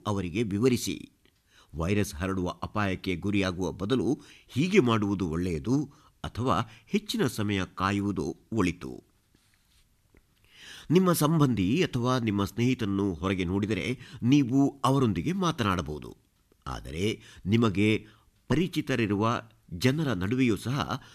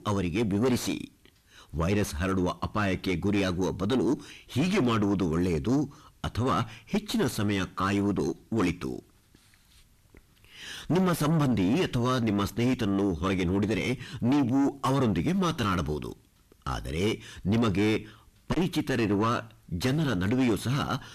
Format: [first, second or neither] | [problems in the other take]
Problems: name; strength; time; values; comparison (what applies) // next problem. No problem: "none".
first | distortion; heavy; 5 dB below the speech